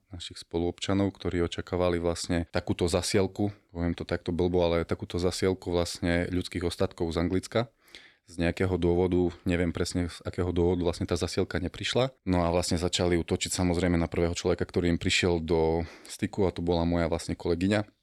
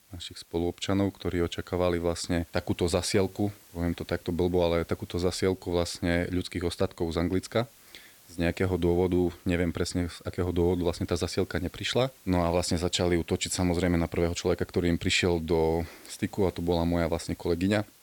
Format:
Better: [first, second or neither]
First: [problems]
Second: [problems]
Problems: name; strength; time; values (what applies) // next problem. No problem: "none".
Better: first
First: none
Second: hiss; faint; throughout; 25 dB below the speech